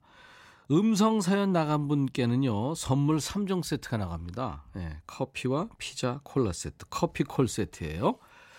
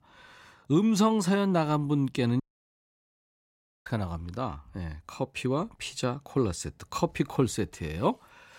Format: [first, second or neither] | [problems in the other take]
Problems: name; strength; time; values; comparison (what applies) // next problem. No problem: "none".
first | audio cutting out; at 2.5 s for 1.5 s